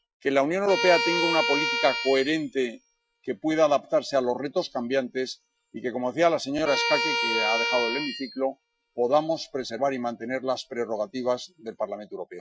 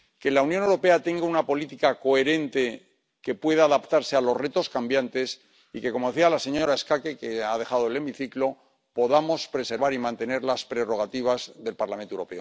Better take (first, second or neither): second